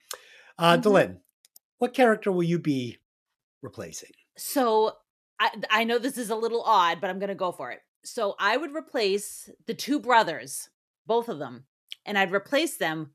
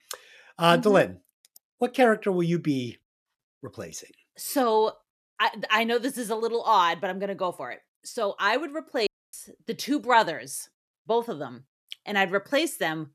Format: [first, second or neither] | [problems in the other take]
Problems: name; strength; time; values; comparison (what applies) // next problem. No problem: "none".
first | audio cutting out; at 9 s